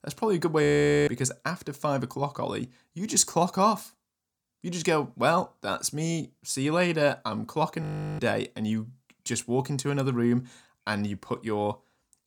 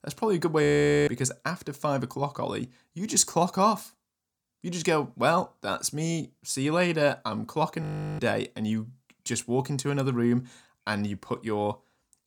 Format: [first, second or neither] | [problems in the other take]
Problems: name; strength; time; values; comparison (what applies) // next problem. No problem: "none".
neither | audio freezing; at 0.5 s and at 8 s; the same in both